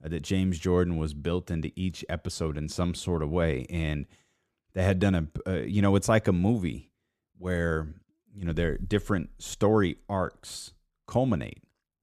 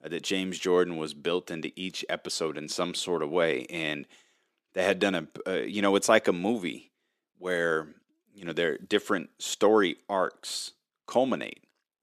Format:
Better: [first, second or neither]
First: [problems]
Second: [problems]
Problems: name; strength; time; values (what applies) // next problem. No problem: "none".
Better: first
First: none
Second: thin; somewhat; fading below 300 Hz